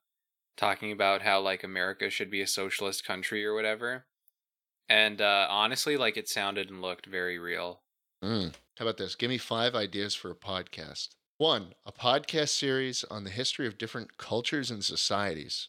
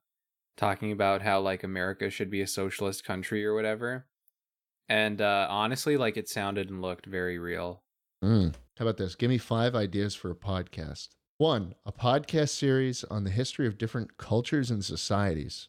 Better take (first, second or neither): second